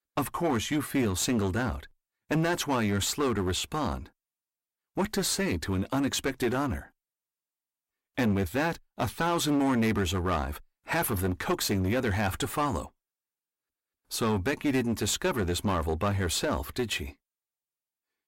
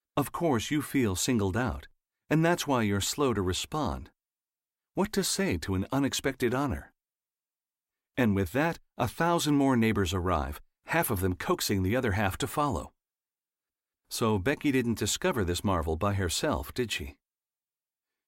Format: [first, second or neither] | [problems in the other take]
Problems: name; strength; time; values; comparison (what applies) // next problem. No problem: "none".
second | distortion; slight; 9% of the sound clipped